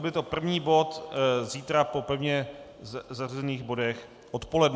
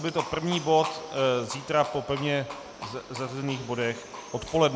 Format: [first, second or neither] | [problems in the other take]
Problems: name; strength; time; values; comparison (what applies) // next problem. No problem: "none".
first | background sound (Livestock, farm animals, working animals); 12 dB below the speech